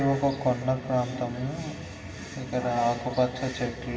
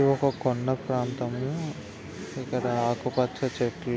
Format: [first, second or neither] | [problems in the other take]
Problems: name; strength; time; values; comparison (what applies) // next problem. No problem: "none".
second | room echo; dies away in 2.5 s